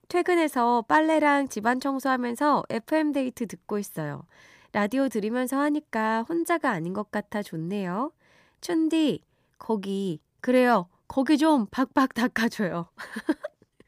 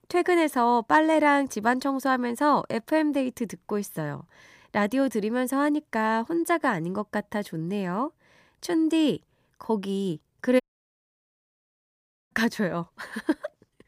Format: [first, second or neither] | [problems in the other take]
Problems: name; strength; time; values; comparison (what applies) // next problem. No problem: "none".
first | audio cutting out; at 11 s for 1.5 s